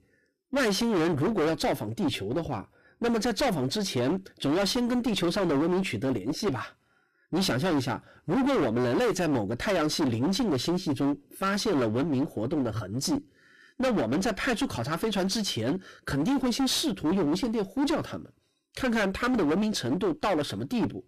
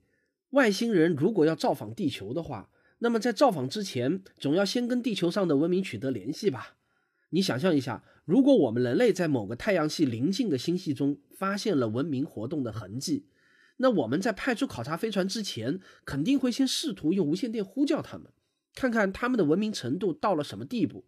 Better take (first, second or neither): second